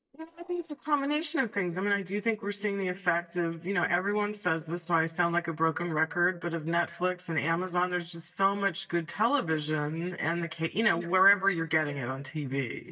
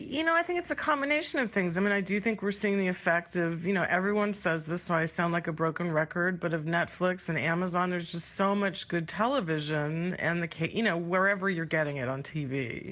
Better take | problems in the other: second | noise reduction (neural mask model DeepFilterNet 3)

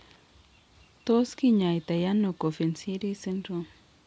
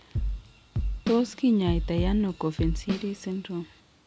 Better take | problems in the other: first | background sound (Drum kit); 3 dB below the speech

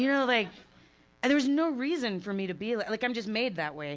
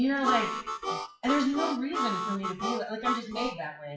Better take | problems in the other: first | noise reduction (classical method WPE with log-MMSE)

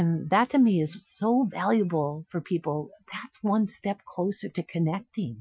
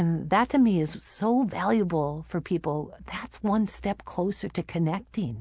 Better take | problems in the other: second | noise reduction (classical method Wiener filter)

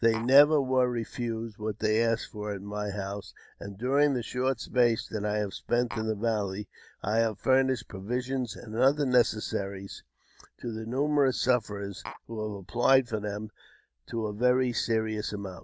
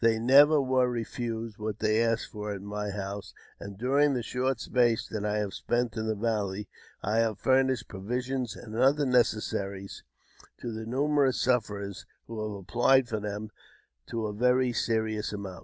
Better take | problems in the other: second | background sound (Tap); 13 dB below the speech

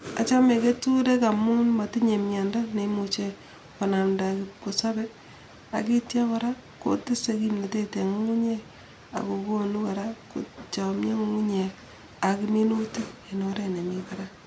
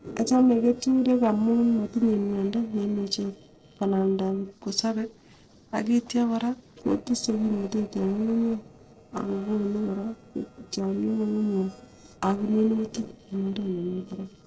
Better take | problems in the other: first | noise reduction (neural separator model SepFormer DNS4)

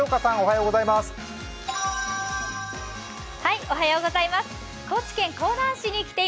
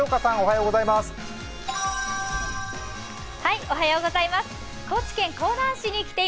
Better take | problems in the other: first | background sound (Car); 14 dB below the speech

